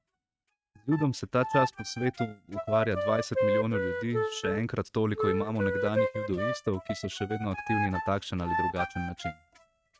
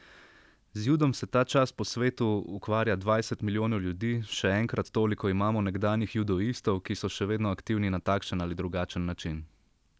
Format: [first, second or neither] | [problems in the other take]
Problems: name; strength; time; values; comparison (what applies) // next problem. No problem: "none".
second | noise reduction (neural mask model RNNoise)